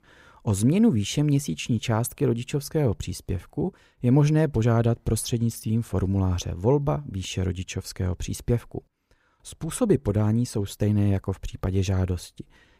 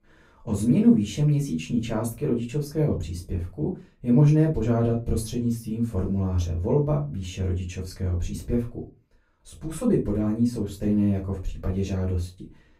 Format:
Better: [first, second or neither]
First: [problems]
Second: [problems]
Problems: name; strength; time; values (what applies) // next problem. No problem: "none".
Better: first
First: none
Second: off-mic speech; far // room echo; slight; dies away in 0.2 s